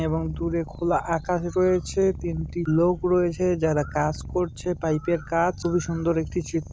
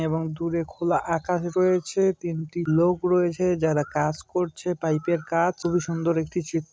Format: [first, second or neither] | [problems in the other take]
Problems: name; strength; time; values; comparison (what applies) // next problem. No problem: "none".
second | background sound (Purr); 13 dB below the speech